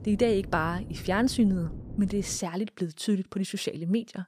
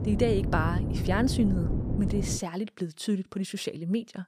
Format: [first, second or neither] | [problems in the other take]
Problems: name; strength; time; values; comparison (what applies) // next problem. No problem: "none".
first | wind noise on the microphone; heavy; until 2.5 s; 7 dB below the speech; occasional gusts in the first